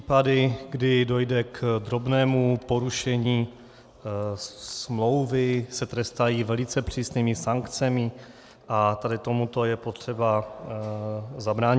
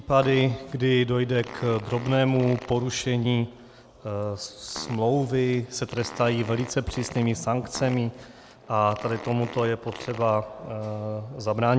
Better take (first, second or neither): first